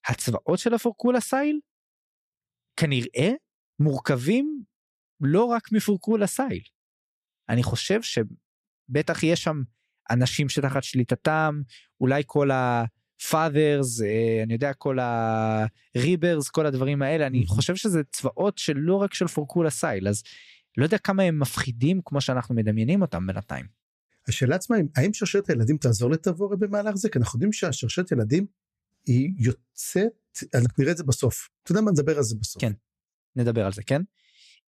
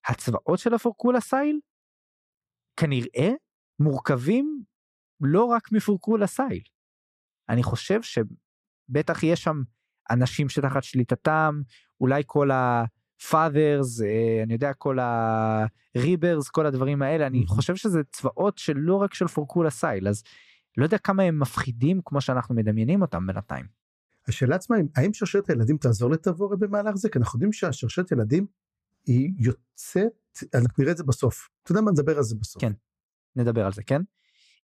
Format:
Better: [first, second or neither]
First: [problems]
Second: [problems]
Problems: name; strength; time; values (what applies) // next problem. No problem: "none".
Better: first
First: none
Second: muffled; very slightly; fading above 2 kHz